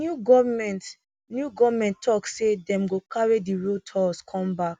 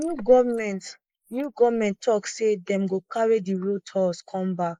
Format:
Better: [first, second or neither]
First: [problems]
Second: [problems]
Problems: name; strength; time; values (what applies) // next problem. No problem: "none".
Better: first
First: none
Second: noise reduction (neural mask model Resemble Enhance denoiser)